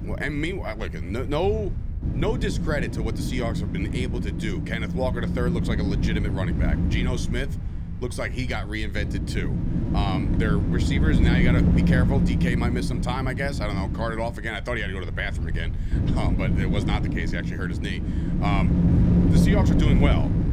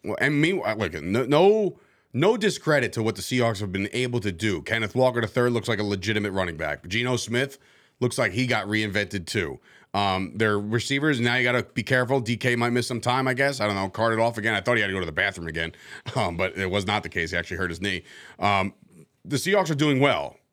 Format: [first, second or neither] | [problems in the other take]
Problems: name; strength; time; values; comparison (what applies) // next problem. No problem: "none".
second | wind noise on the microphone; heavy; 3 dB below the speech